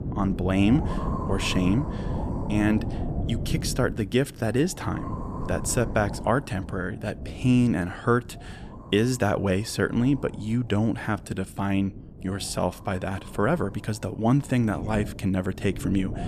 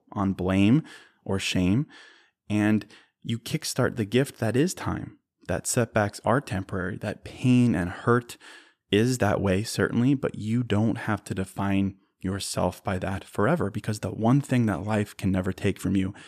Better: second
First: wind noise on the microphone; occasional gusts; 10 dB below the speech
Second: none

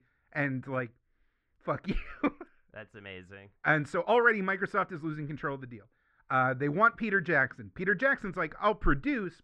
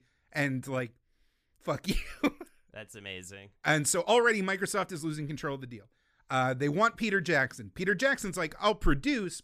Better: second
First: muffled; very; fading above 2 kHz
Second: none

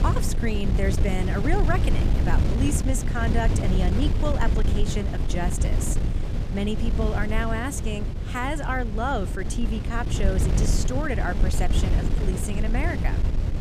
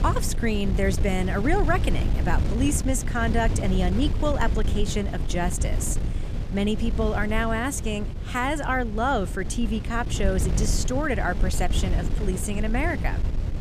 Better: second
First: wind noise on the microphone; heavy; 6 dB below the speech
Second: wind noise on the microphone; occasional gusts; 10 dB below the speech

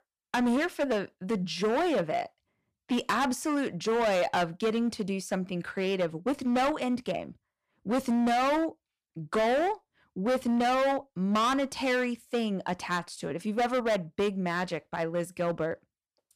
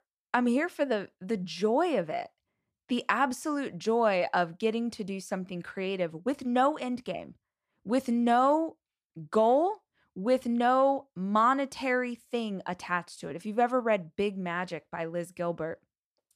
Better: second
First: distortion; heavy; 14% of the sound clipped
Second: none

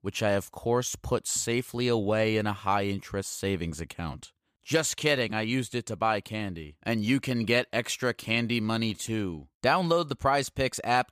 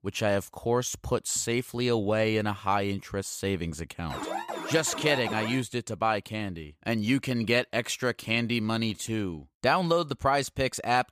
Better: first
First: none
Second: alarm; noticeable; from 4 to 5.5 s; peak 6 dB below the speech

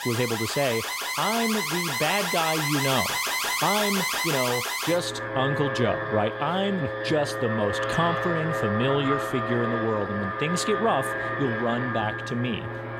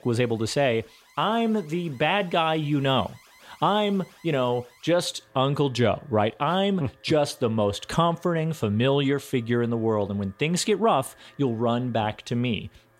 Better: second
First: alarms or sirens; loud; throughout; as loud as the speech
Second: alarms or sirens; faint; throughout; 30 dB below the speech

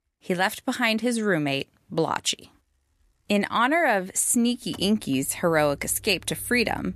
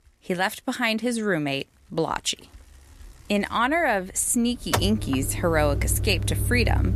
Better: first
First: traffic noise; faint; throughout; 25 dB below the speech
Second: traffic noise; loud; throughout; 3 dB below the speech

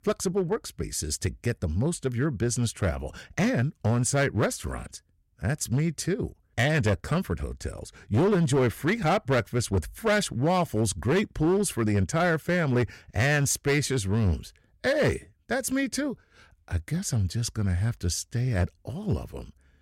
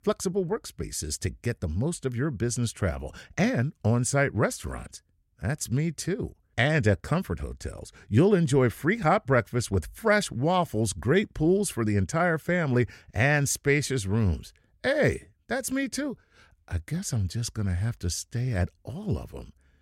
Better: second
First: distortion; slight; 6% of the sound clipped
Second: none

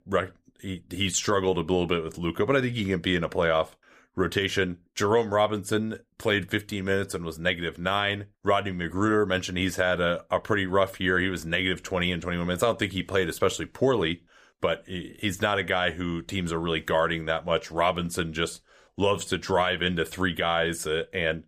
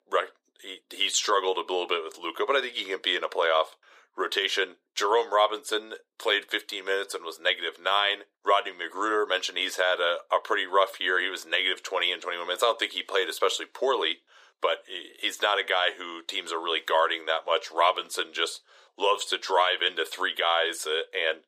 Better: first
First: none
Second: thin; very; fading below 400 Hz

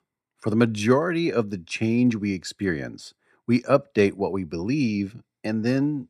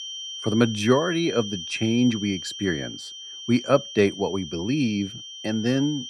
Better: first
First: none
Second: high-pitched whine; loud; throughout; 3 kHz, 10 dB below the speech

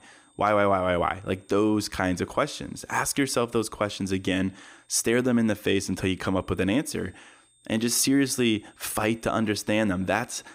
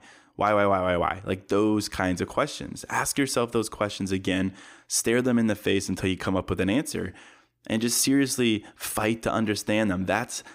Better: second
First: high-pitched whine; faint; throughout; 8.5 kHz, 35 dB below the speech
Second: none

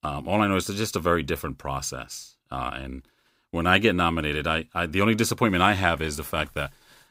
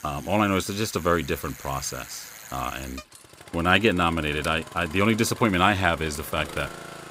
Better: first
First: none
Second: traffic noise; noticeable; throughout; 15 dB below the speech

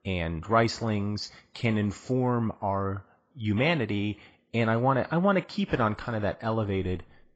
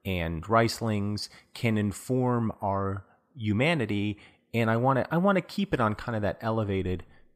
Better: second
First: garbled, watery; badly; nothing above 7.5 kHz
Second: none

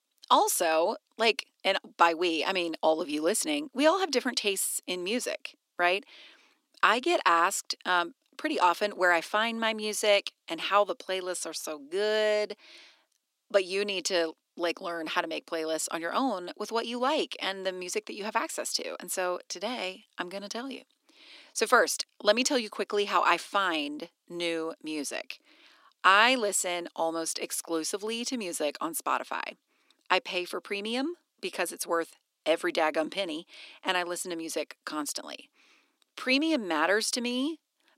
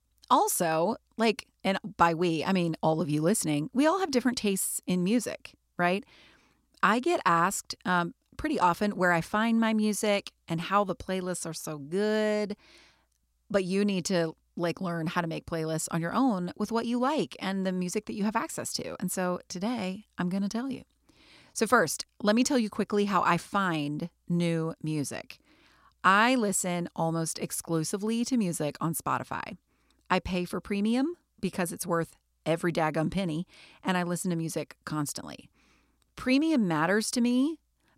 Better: second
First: thin; somewhat; fading below 300 Hz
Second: none

